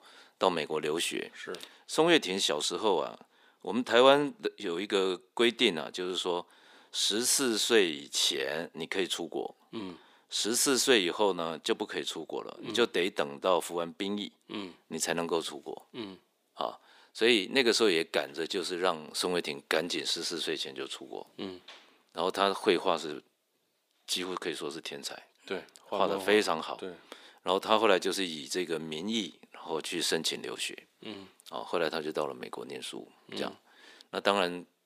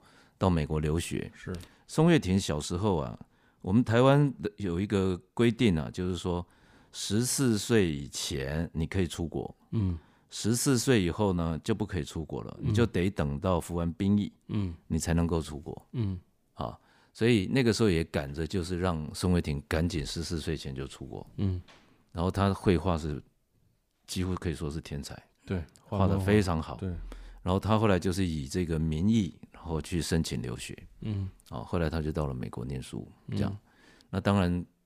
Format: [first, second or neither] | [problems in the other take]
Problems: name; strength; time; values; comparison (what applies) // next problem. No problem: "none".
second | thin; somewhat; fading below 350 Hz